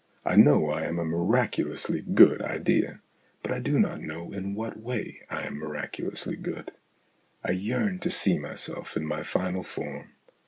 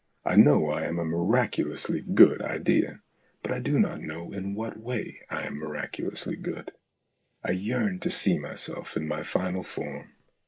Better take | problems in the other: first | noise reduction (neural mask model Resemble Enhance denoiser)

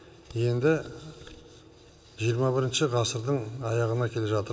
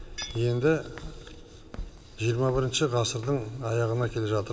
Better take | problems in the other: first | background sound (Walk, footsteps + Tools); 15 dB below the speech

